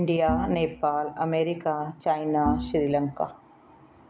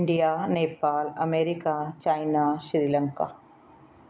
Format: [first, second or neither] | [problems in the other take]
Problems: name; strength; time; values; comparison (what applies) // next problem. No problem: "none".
second | background sound (Bowed string instrument); 8 dB below the speech